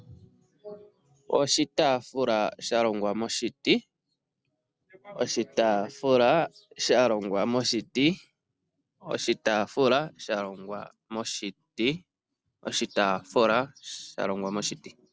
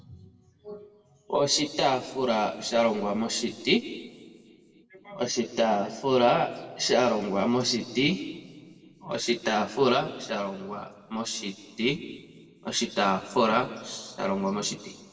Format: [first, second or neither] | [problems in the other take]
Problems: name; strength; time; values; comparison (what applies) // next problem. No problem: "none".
first | room echo; dies away in 1.5 s